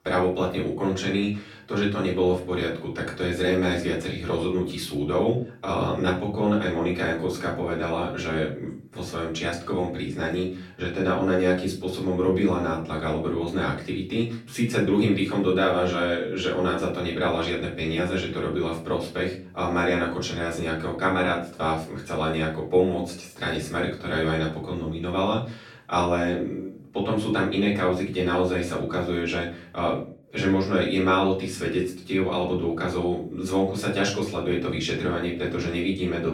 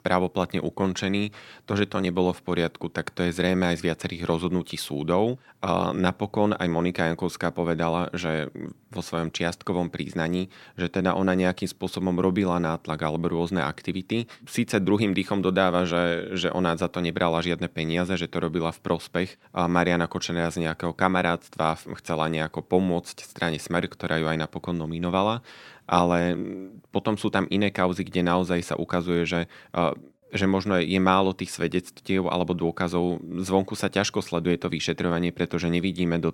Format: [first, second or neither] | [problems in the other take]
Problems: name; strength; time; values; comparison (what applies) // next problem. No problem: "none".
second | room echo; slight; dies away in 0.4 s // off-mic speech; far